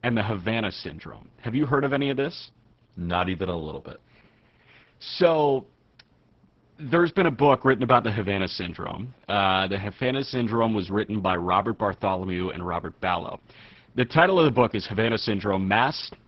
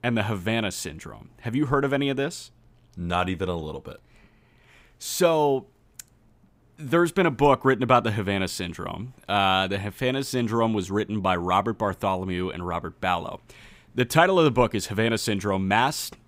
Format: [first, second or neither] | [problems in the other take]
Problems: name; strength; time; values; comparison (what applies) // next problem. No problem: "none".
second | garbled, watery; badly; nothing above 5.5 kHz